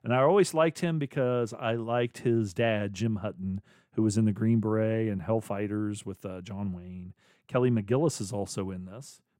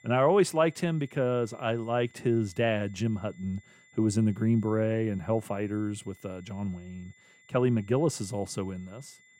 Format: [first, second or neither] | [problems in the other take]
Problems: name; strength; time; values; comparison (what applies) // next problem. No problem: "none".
first | high-pitched whine; faint; throughout; 2 kHz, 30 dB below the speech